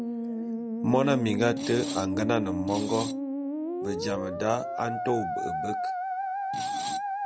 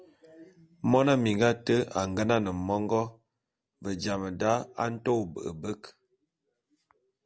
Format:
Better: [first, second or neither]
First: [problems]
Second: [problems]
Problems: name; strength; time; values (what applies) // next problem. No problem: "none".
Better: second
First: background sound (Screech + Musical instrument); 1 dB below the speech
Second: none